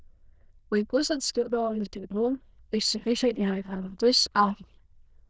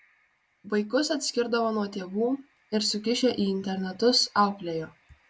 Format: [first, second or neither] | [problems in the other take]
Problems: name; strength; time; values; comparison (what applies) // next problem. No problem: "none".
second | noise reduction (neural diffusion model UNIVERSE++)